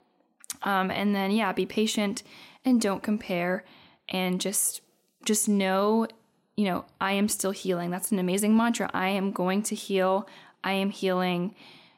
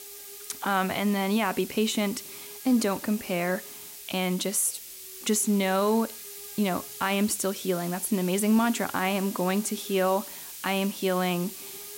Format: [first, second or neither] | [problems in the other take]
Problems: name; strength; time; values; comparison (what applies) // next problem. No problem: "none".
first | hiss; noticeable; throughout; 10 dB below the speech